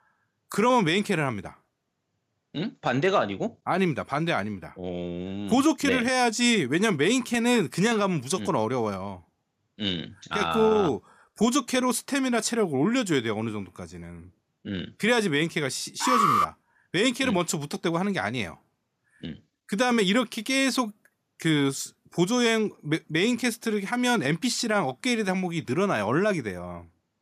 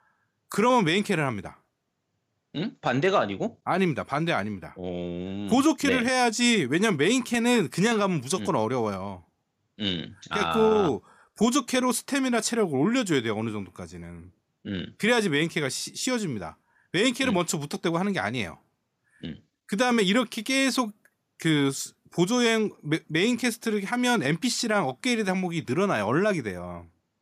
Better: second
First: alarm; loud; at 16 s; peak 5 dB above the speech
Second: none

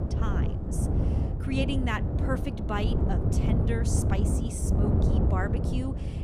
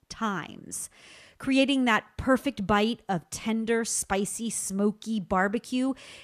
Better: second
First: wind noise on the microphone; heavy; 2 dB below the speech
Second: none

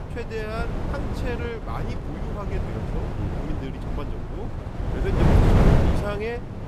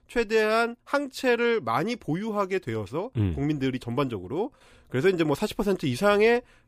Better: second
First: wind noise on the microphone; heavy; 3 dB above the speech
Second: none

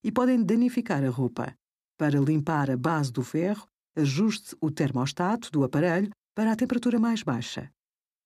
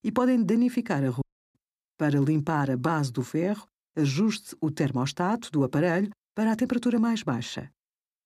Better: first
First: none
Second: audio cutting out; at 1 s

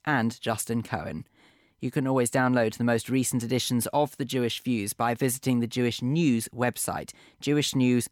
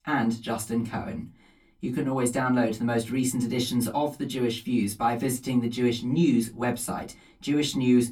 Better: first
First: none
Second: off-mic speech; far // room echo; very slight; dies away in 0.2 s

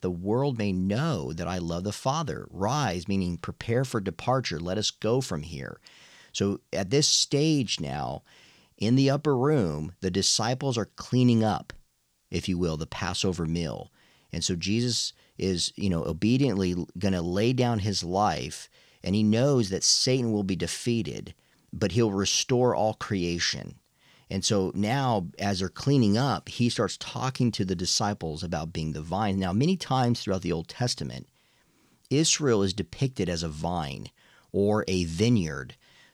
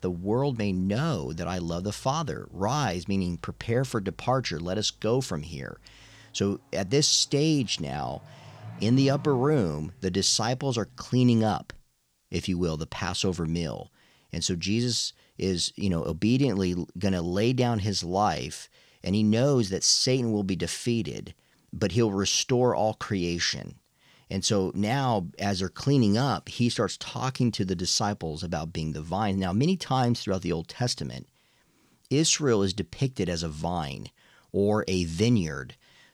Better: first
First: none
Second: traffic noise; faint; until 11 s; 25 dB below the speech

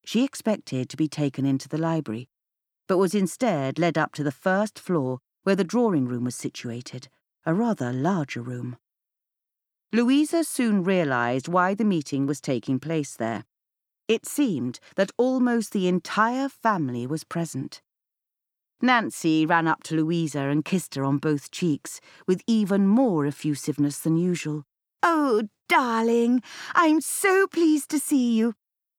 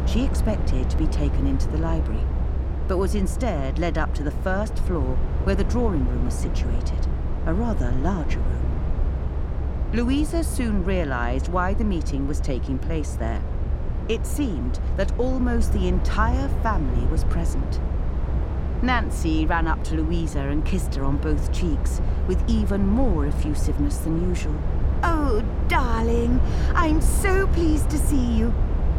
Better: first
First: none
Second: low rumble; loud; throughout; 9 dB below the speech

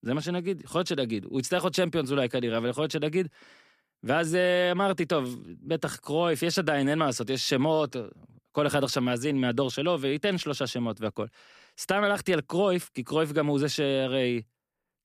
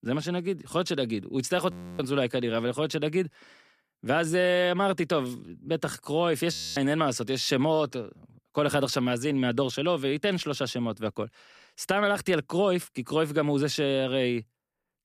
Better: first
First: none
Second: audio freezing; at 1.5 s and at 6.5 s

